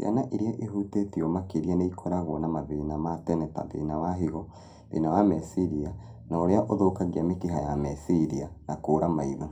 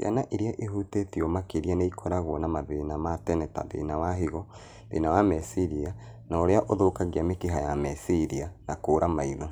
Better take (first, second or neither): second